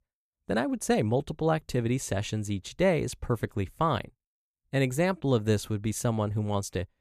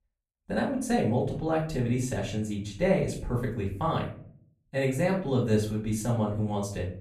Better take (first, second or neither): first